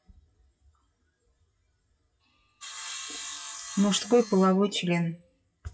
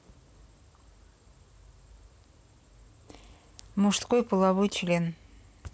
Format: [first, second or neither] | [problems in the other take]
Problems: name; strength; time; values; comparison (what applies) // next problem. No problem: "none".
second | noise reduction (classical method WPE with log-MMSE)